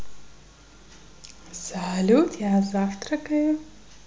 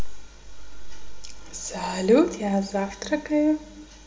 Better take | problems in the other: first | room echo; dies away in 1.3 s

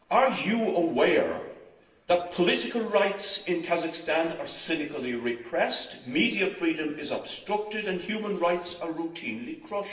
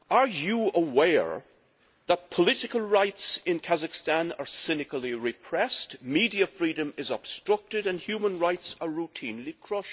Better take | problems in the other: second | room echo; dies away in 0.9 s

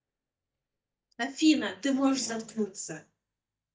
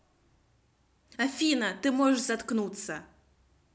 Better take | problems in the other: second | noise reduction (neural mask model DeepFilterNet 3)

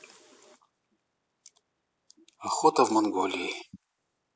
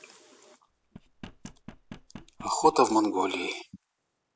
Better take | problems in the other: first | background sound (Knock); 18 dB below the speech

